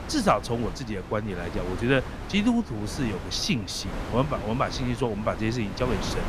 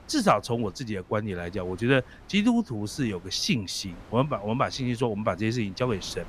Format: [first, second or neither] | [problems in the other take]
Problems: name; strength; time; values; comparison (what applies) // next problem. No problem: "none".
second | wind noise on the microphone; heavy; 10 dB below the speech; occasional gusts in the second